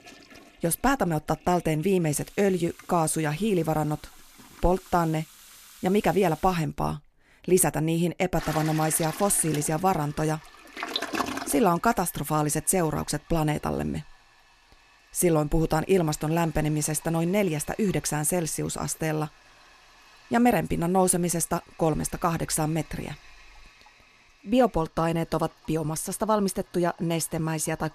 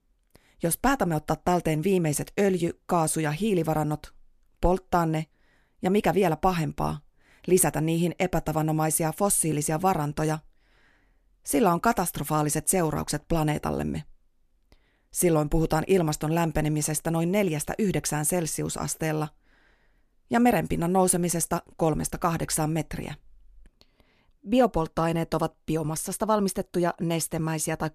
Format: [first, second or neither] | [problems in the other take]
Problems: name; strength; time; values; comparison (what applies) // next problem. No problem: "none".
second | household noises; noticeable; throughout; 15 dB below the speech